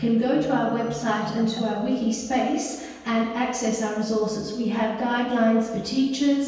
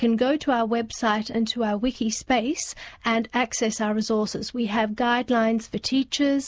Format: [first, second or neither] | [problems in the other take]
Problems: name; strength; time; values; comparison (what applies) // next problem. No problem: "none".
second | background sound (Marimba, xylophone); 18 dB below the speech // room echo; dies away in 1.2 s